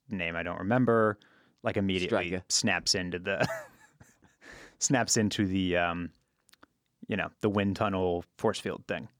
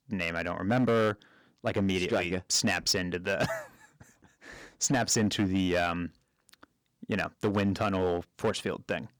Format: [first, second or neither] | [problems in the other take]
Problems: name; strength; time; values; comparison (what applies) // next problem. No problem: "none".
first | distortion; slight; 5% of the sound clipped